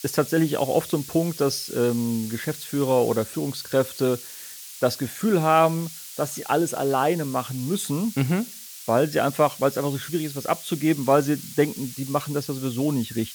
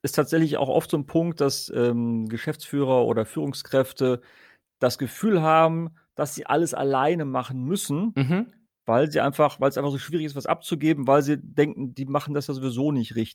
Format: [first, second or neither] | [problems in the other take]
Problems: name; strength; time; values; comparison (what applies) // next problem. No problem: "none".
second | hiss; noticeable; throughout; 15 dB below the speech